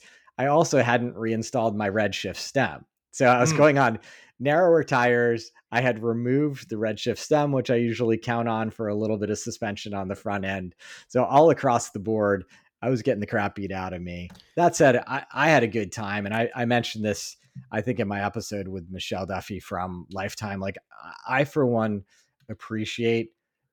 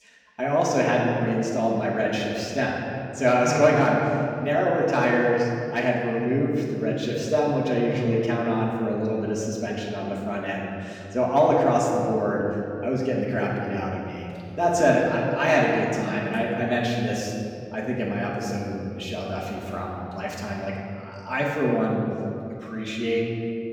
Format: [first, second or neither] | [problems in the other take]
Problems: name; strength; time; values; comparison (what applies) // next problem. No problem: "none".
first | room echo; noticeable; dies away in 2.3 s // off-mic speech; far